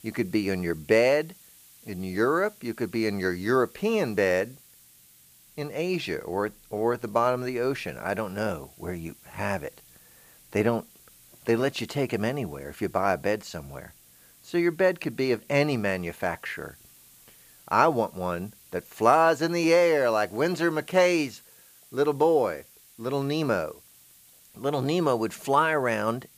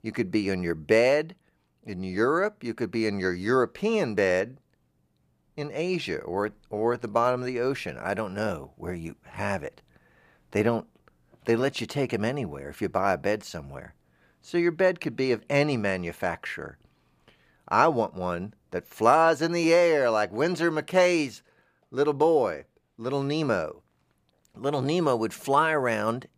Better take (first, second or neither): second